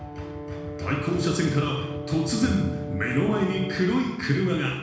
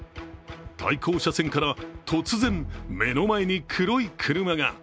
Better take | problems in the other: second | background sound (Brass instrument); 11 dB below the speech // room echo; dies away in 1.1 s

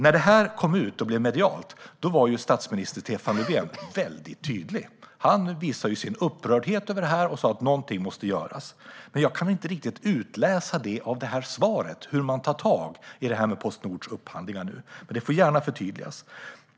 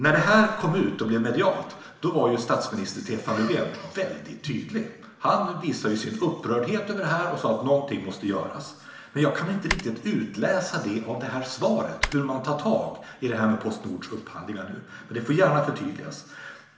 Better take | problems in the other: first | background sound (Typing); 10 dB below the speech // room echo; dies away in 1 s

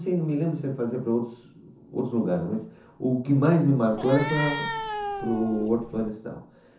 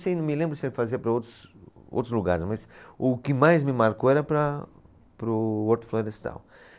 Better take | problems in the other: second | background sound (Cat); 6 dB below the speech // room echo; dies away in 0.9 s

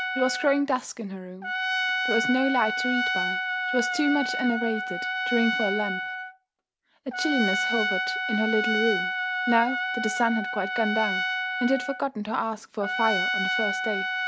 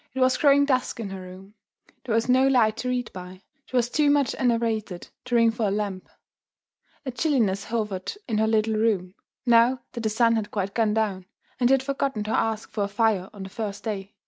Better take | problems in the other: second | background sound (Trumpet); 1 dB below the speech

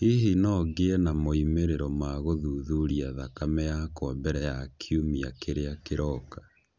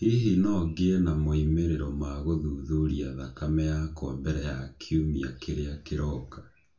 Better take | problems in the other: first | room echo; dies away in 0.3 s

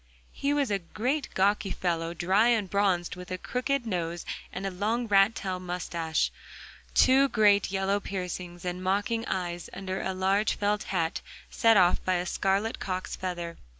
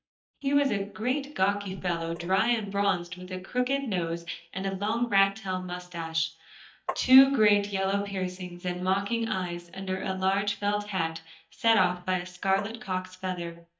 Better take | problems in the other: first | noise reduction (neural mask model DeepFilterNet 3)

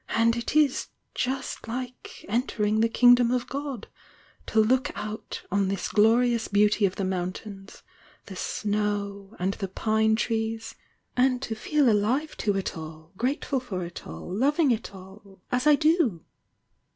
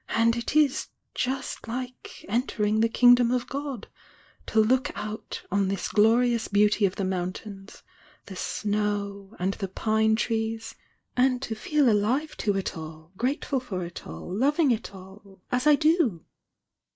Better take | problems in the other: first | noise reduction (neural mask model Resemble Enhance denoiser)

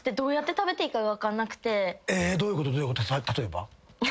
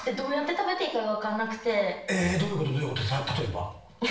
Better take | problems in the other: first | room echo; dies away in 0.6 s

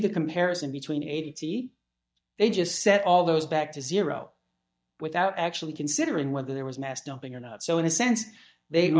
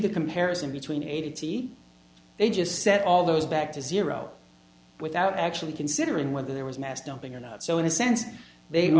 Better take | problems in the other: second | noise reduction (neural mask model DeepFilterNet 3)

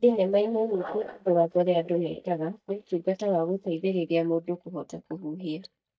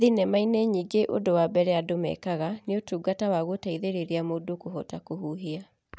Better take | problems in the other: second | noise reduction (neural mask model DeepFilterNet 3)

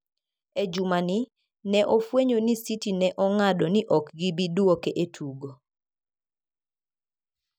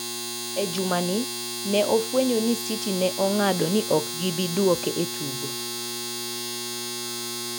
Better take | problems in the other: first | background sound (Domestic sounds, home sounds); 5 dB below the speech

